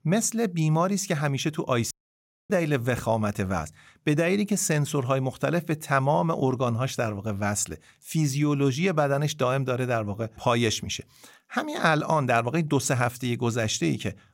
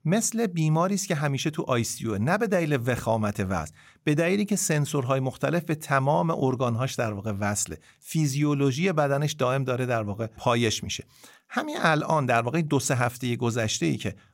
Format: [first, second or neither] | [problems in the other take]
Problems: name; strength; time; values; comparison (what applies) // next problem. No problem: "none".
second | audio cutting out; at 2 s for 0.5 s